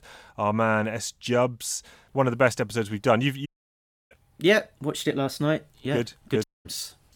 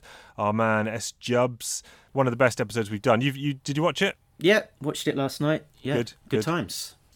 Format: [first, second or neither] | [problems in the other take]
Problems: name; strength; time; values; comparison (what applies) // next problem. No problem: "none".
second | audio cutting out; at 3.5 s for 0.5 s and at 6.5 s